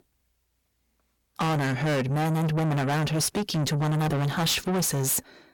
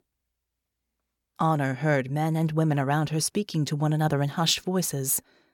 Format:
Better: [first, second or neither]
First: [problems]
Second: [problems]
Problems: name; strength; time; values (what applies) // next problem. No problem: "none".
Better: second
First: distortion; heavy; 5 dB below the speech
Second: none